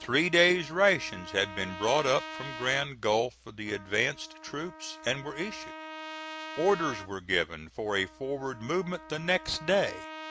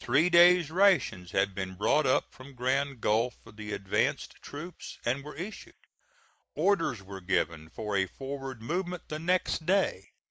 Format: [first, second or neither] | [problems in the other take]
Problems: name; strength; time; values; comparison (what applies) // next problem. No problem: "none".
second | background sound (Trumpet); 14 dB below the speech